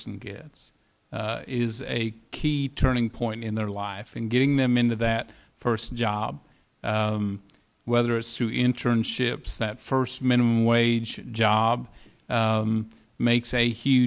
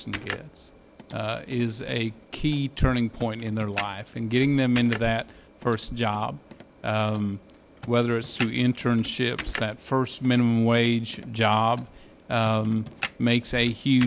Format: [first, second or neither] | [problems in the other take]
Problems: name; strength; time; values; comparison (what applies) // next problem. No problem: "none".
first | background sound (Computer keyboard); 16 dB below the speech